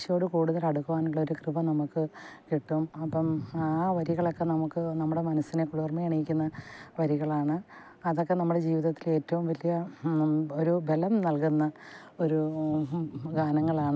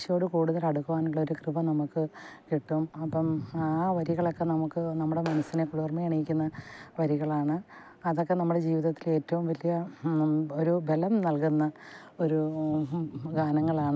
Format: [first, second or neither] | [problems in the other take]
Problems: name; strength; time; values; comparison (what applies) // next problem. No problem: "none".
first | background sound (Clapping); 16 dB below the speech